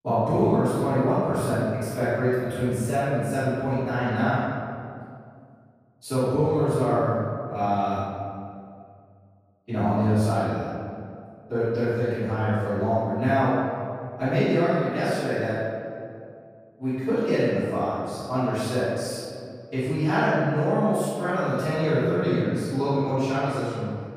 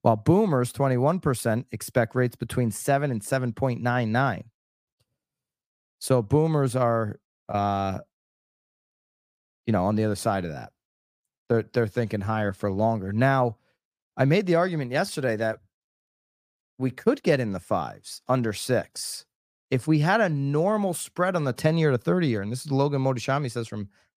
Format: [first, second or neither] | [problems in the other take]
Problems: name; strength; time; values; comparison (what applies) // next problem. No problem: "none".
second | room echo; strong; dies away in 2.1 s // off-mic speech; far